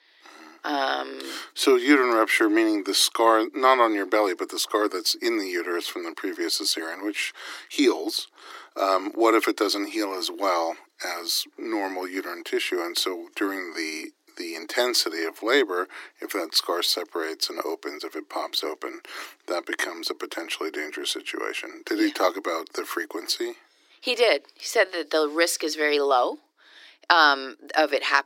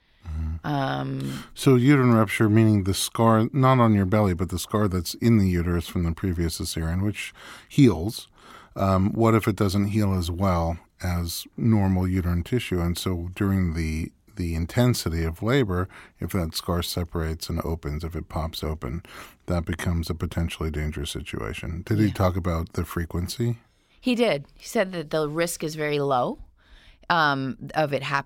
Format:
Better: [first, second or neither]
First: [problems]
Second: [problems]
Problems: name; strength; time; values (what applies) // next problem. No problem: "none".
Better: second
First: thin; very; fading below 300 Hz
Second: none